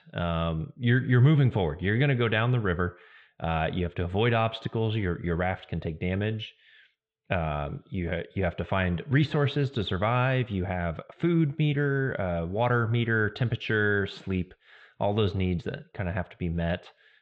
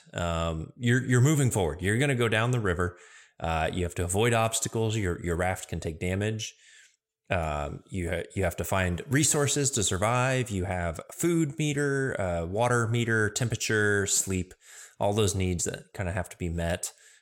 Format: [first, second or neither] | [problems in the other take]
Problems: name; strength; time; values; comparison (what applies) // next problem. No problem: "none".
second | muffled; very; fading above 3.5 kHz